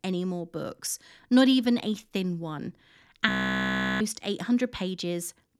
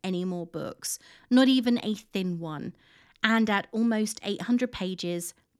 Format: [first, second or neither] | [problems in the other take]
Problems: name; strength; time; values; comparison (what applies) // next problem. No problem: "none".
second | audio freezing; at 3.5 s for 0.5 s